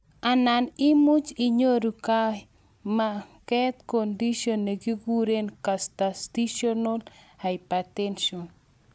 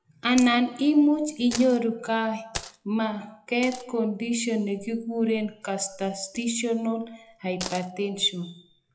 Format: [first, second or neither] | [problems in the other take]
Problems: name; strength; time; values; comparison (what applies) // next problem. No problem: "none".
first | noise reduction (classical method WPE with log-MMSE)